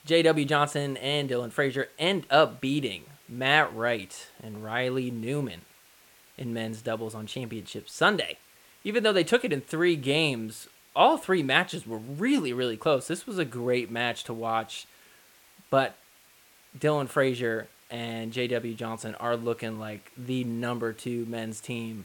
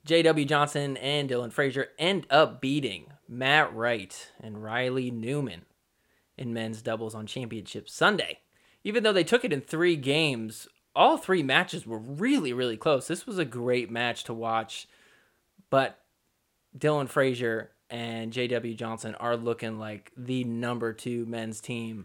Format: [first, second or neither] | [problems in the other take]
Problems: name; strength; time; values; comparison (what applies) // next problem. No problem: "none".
second | hiss; faint; throughout; 30 dB below the speech